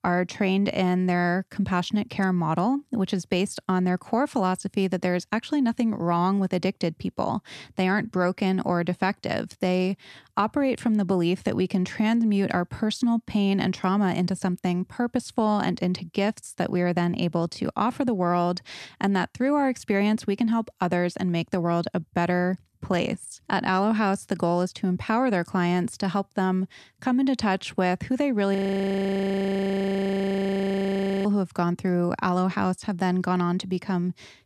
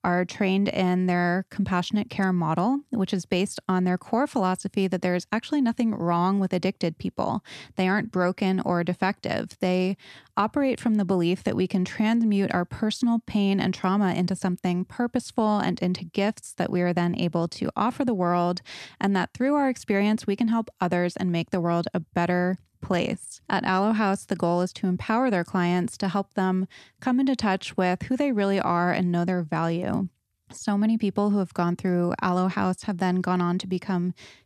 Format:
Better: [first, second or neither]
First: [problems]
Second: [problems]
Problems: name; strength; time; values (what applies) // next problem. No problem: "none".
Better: second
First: audio freezing; at 29 s for 2.5 s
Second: none